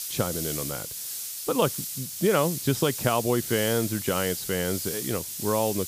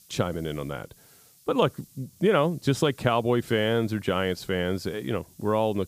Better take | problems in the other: second | hiss; loud; throughout; 4 dB below the speech; faint in the second

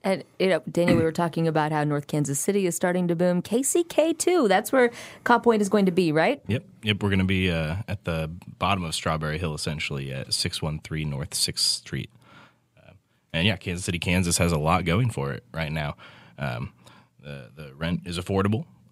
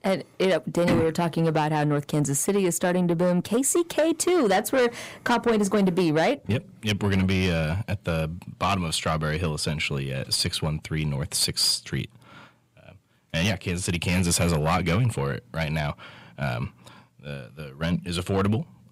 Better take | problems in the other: first | distortion; slight; 10 dB below the speech

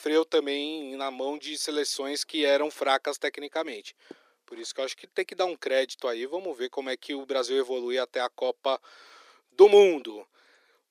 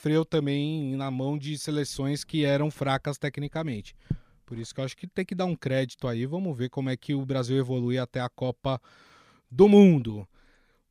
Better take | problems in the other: second | thin; very; fading below 350 Hz

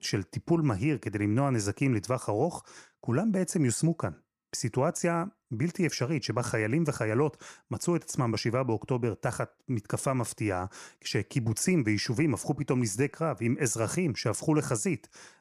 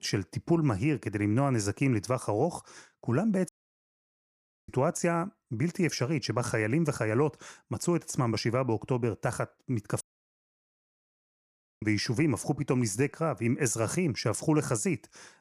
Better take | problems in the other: first | audio cutting out; at 3.5 s for 1 s and at 10 s for 2 s

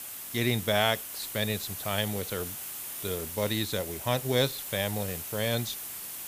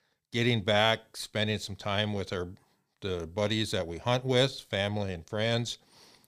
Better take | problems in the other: second | hiss; loud; throughout; 6 dB below the speech

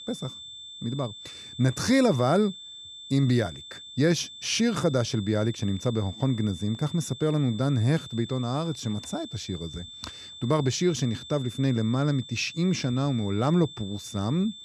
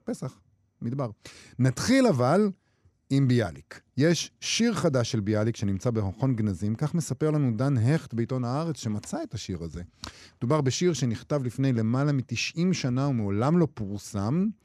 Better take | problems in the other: second | high-pitched whine; noticeable; throughout; 3.5 kHz, 15 dB below the speech

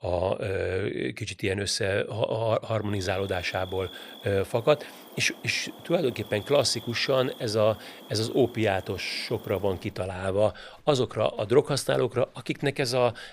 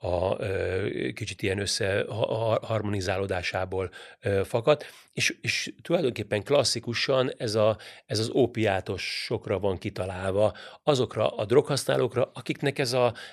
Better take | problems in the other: second | animal sounds; noticeable; from 3 s on; 20 dB below the speech

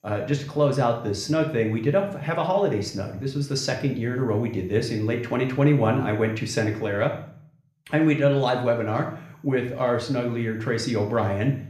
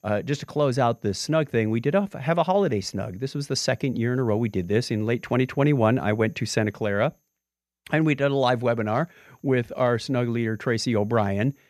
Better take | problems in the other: second | room echo; slight; dies away in 0.5 s // off-mic speech; somewhat distant

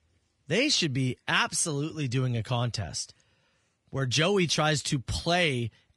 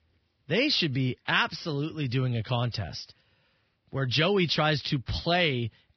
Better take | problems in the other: first | garbled, watery; badly; nothing above 5.5 kHz; slightly in the first

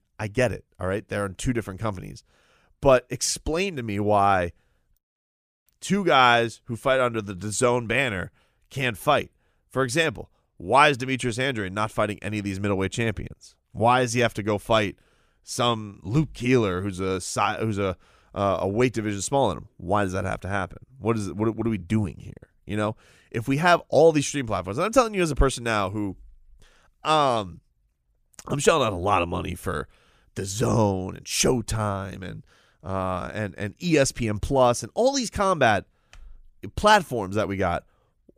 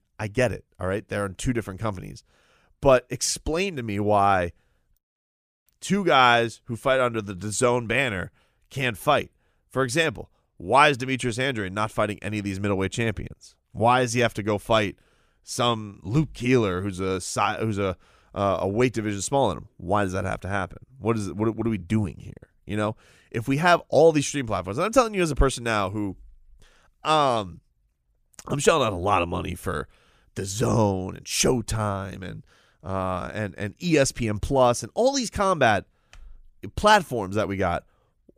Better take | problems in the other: neither | none

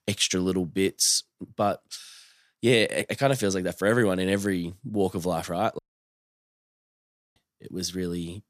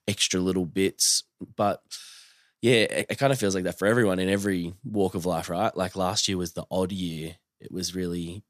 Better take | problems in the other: second | audio cutting out; at 6 s for 1.5 s

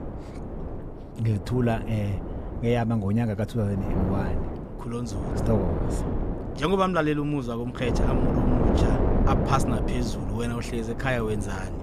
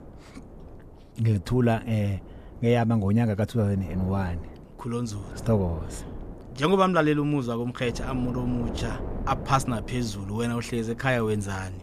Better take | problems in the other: second | wind noise on the microphone; heavy; 4 dB below the speech; occasional gusts in the second

